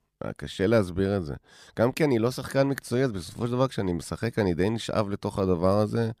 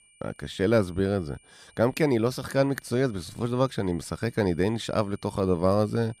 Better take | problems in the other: first | high-pitched whine; faint; throughout; 9 kHz, 30 dB below the speech

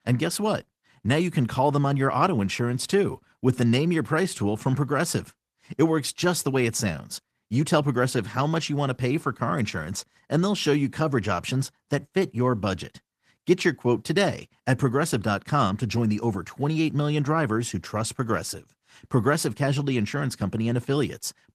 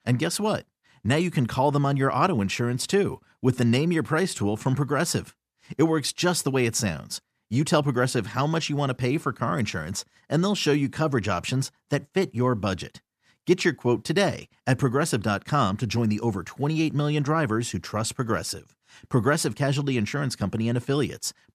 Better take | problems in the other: second | garbled, watery; slightly; nothing above 14.5 kHz

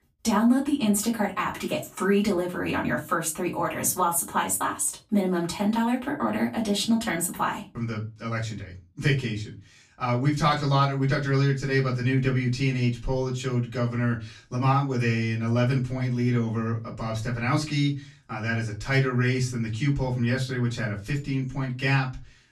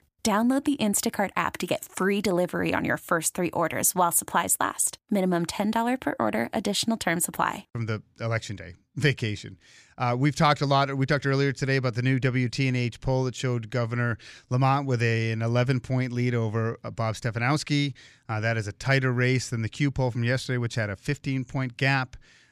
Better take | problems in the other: second | off-mic speech; far // room echo; very slight; dies away in 0.2 s

